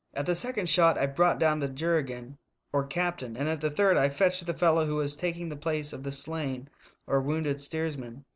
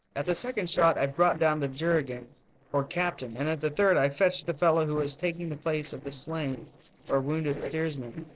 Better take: first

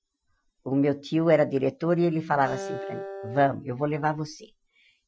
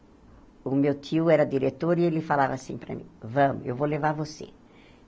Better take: second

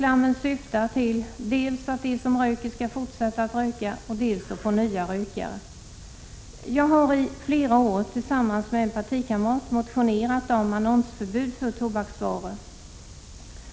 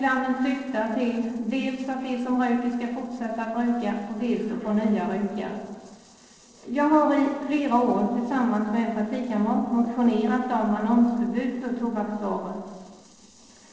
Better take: first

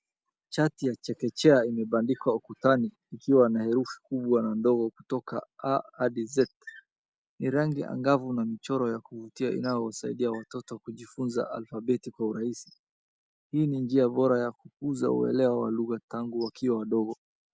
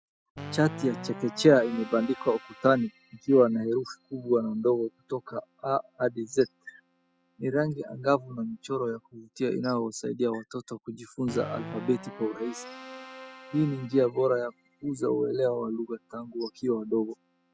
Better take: first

